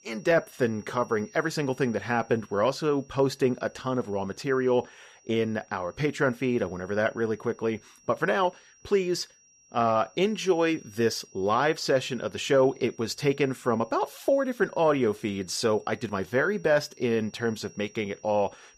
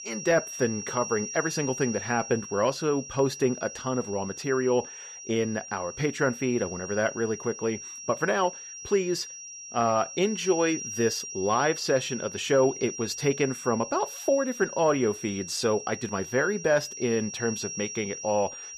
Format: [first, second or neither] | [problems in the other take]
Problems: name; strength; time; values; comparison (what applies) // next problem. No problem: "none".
first | high-pitched whine; loud; throughout; 5.5 kHz, 9 dB below the speech; faint in the first